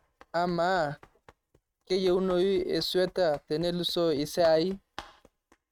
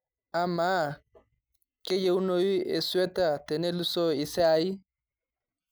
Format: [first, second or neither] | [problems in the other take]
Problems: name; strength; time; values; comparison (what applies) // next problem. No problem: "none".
second | noise reduction (neural mask model RNNoise)